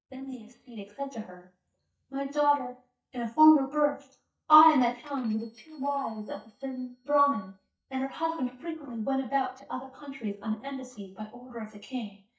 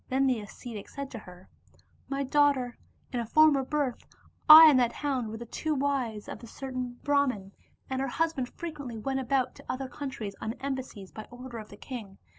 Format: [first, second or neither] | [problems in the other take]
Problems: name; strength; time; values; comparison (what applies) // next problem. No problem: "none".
second | noise reduction (neural mask model DeepFilterNet 3)